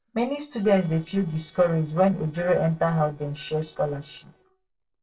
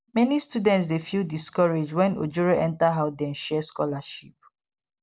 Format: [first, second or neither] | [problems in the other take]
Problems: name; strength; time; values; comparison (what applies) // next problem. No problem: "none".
second | noise reduction (neural separator model SepFormer DNS4)